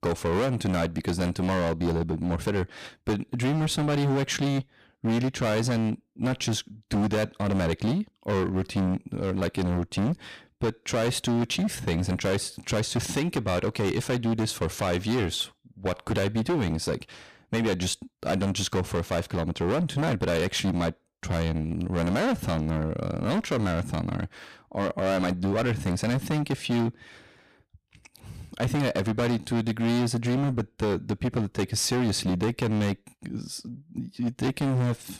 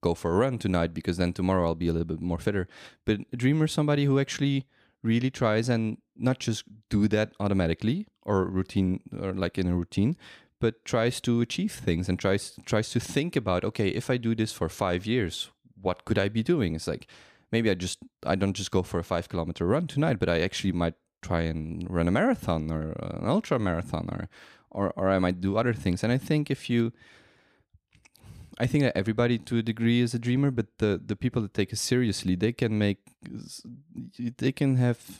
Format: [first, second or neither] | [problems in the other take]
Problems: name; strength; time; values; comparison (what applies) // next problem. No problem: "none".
second | distortion; heavy; 20% of the sound clipped